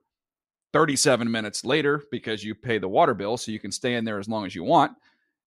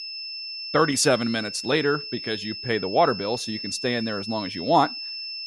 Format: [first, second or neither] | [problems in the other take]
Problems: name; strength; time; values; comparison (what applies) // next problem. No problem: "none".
first | high-pitched whine; loud; throughout; 5.5 kHz, 8 dB below the speech